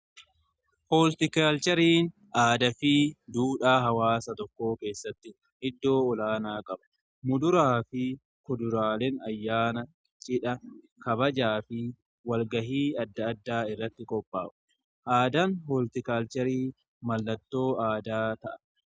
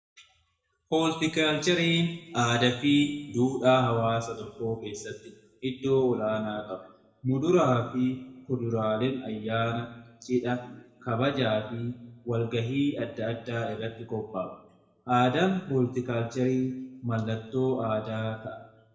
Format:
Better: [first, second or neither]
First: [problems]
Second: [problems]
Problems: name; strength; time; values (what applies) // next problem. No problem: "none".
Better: first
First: none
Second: room echo; dies away in 0.9 s